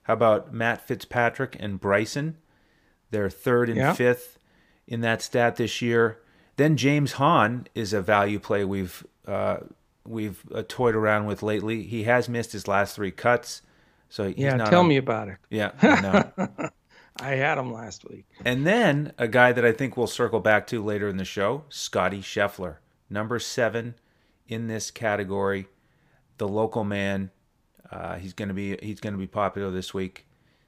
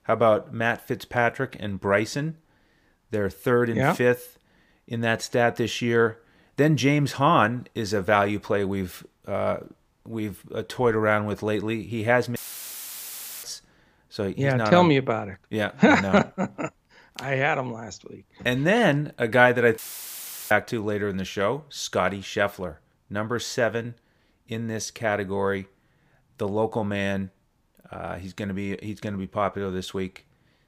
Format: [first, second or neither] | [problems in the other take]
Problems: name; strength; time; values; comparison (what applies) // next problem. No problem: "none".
first | audio cutting out; filled with static; at 12 s for 1 s and at 20 s for 0.5 s